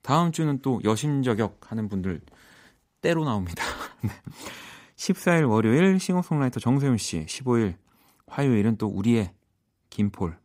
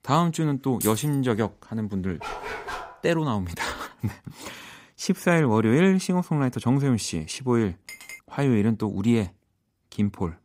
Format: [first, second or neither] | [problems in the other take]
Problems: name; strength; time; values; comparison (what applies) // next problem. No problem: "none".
first | jangling keys; noticeable; at 1 s; peak 6 dB below the speech // dog barking; noticeable; at 2 s; peak 8 dB below the speech // clattering dishes; faint; at 8 s; peak 15 dB below the speech